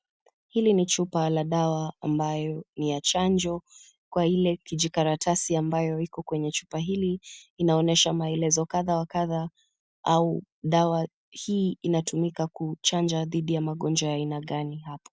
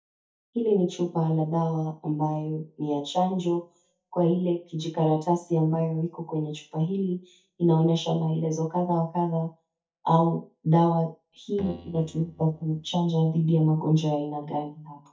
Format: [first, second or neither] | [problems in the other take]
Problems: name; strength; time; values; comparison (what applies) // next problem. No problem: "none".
first | noise reduction (neural mask model DeepFilterNet 3)